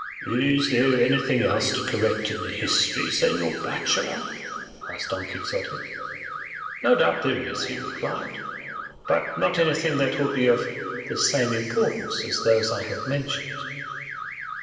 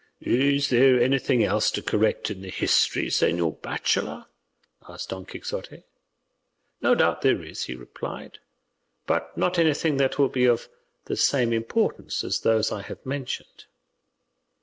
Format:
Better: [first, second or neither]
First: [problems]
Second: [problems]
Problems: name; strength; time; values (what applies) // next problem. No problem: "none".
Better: second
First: background sound (Alarm / Car); 9 dB below the speech // room echo; dies away in 2.6 s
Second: none